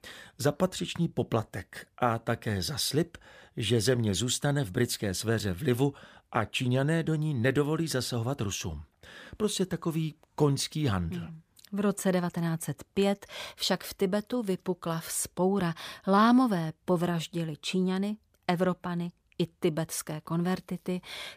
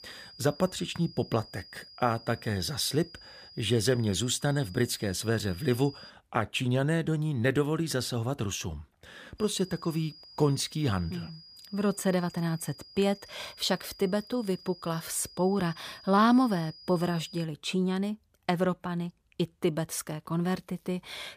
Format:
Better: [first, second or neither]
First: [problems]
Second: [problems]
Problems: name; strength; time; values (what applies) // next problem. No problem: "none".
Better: first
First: none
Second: high-pitched whine; noticeable; until 6 s and from 9.5 to 17 s; 5 kHz, 20 dB below the speech